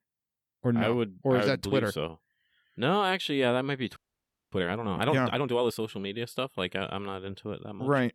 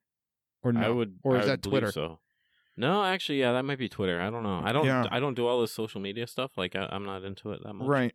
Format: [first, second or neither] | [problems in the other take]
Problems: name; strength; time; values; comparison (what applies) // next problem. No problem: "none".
second | audio freezing; at 4 s for 0.5 s